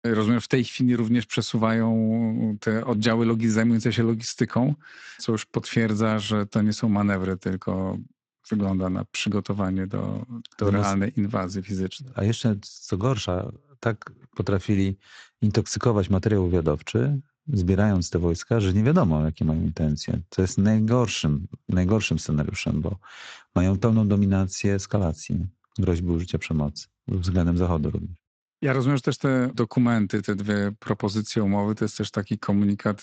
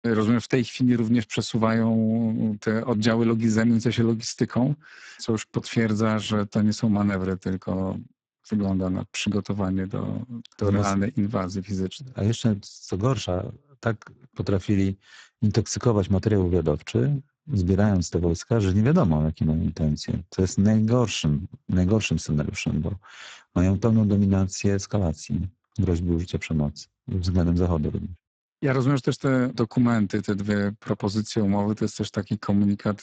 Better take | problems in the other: first | garbled, watery; badly; nothing above 7.5 kHz; slightly in the first

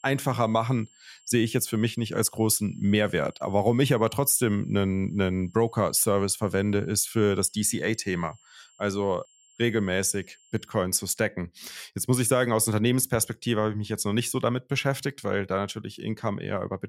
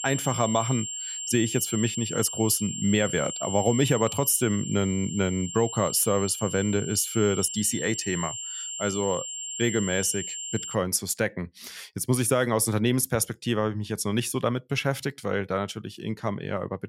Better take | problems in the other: first | high-pitched whine; loud; until 11 s; 7.5 kHz, 6 dB below the speech; faint in the first

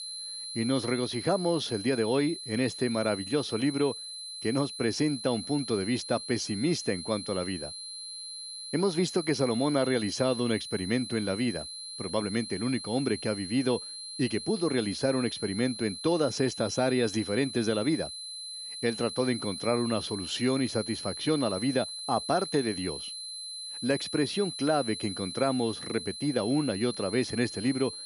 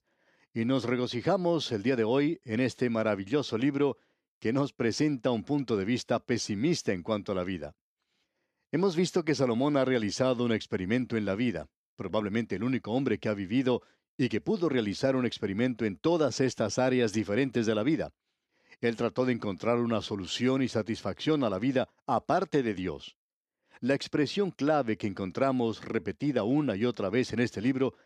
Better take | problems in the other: second | high-pitched whine; loud; throughout; 4 kHz, 8 dB below the speech

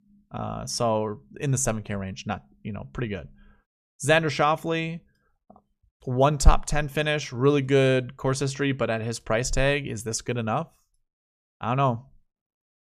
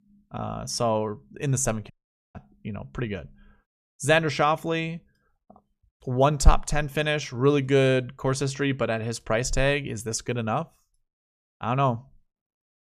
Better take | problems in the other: first | audio cutting out; at 2 s

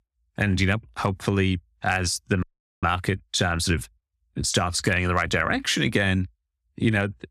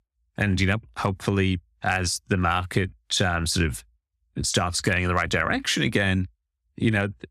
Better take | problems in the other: second | audio freezing; at 2.5 s

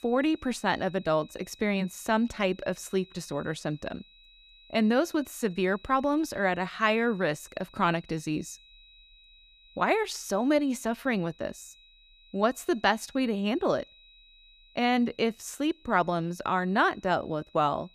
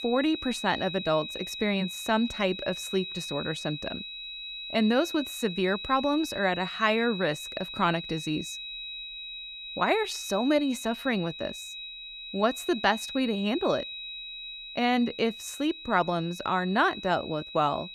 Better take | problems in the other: first | high-pitched whine; loud; throughout; 4 kHz, 9 dB below the speech; faint in the first

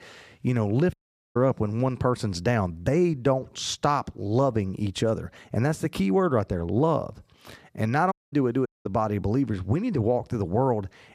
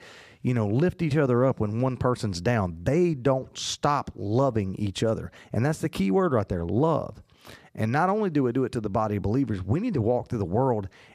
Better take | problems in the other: second | audio cutting out; at 1 s, at 8 s and at 8.5 s

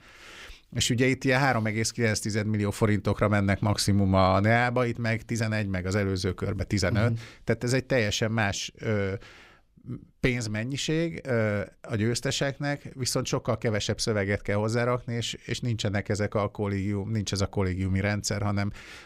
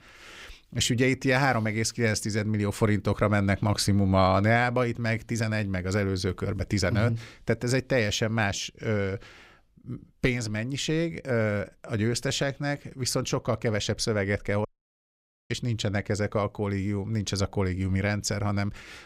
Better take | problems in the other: first | audio cutting out; at 15 s for 1 s

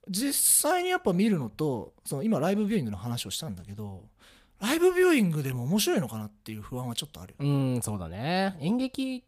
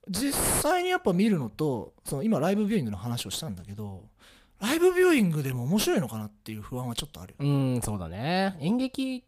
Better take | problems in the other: first | distortion; slight; 5 dB below the speech

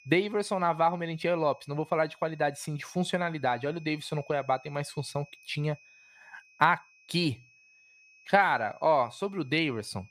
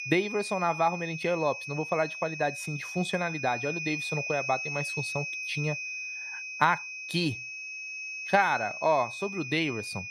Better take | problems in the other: first | high-pitched whine; loud; throughout; 2.5 kHz, 5 dB below the speech; faint in the first

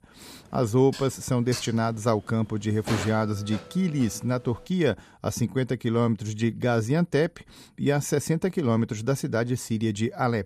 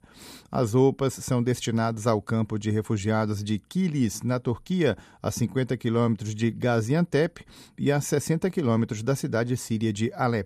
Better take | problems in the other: second | clattering dishes; noticeable; from 1 to 4 s; peak 6 dB below the speech

